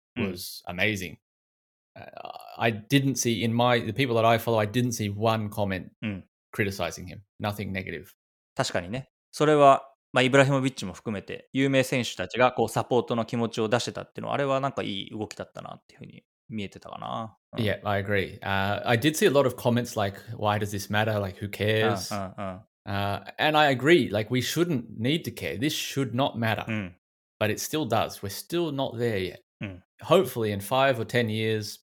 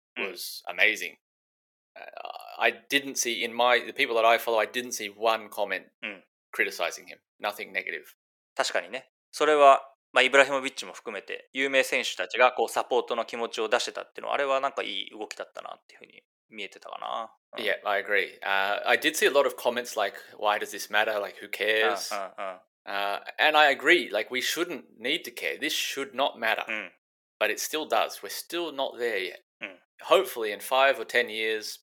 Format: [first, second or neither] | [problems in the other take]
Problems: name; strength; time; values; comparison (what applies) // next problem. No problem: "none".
first | thin; very; fading below 400 Hz